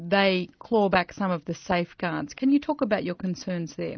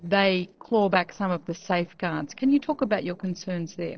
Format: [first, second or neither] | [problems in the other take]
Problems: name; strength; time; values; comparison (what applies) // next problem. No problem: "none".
first | noise reduction (neural separator model SepFormer DNS4)